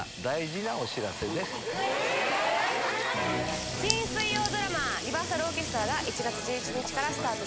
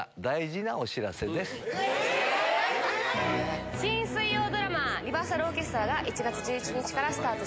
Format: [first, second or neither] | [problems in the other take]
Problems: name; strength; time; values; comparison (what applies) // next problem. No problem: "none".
second | background sound (Sink (filling or washing) / Water tap, faucet + Chink, clink); 7 dB below the speech